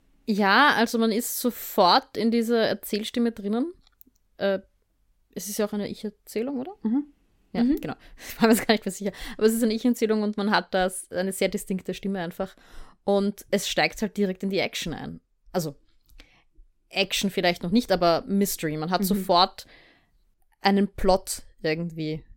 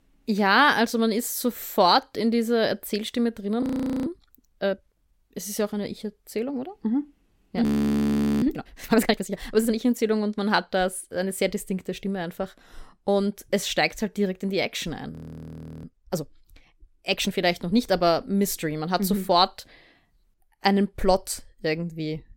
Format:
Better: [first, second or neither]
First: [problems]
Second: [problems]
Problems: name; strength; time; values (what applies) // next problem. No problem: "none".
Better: first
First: none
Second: audio freezing; at 3.5 s, at 7.5 s for 1 s and at 15 s for 0.5 s